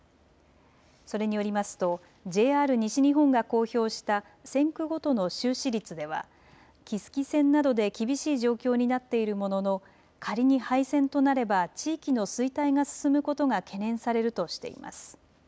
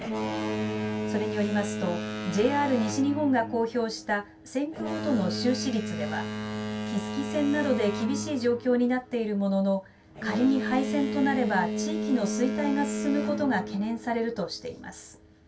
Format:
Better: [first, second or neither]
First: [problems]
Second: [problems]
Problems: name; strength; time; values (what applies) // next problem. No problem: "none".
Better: first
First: none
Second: background sound (Boat, Water vehicle); 4 dB below the speech // room echo; dies away in 0.2 s